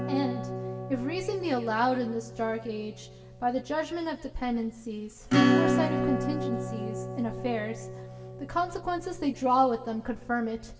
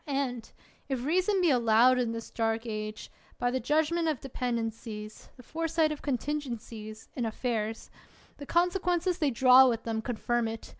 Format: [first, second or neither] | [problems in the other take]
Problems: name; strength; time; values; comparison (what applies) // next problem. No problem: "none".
second | background sound (Acoustic guitar / Strum); 1 dB below the speech // room echo; dies away in 1.6 s